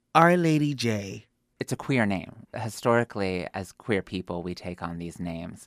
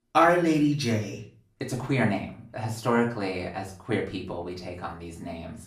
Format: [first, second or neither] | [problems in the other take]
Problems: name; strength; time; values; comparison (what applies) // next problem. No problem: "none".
first | room echo; slight; dies away in 0.4 s // off-mic speech; far